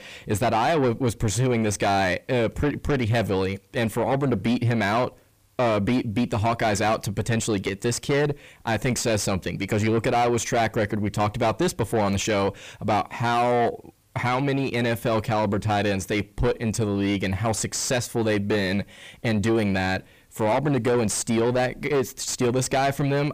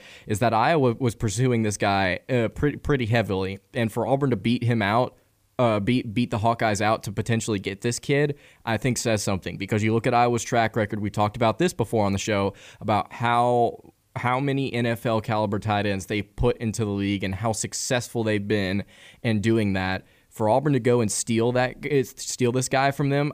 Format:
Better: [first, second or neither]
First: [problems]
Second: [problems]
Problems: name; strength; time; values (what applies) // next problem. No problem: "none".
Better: second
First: distortion; heavy; 7 dB below the speech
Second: none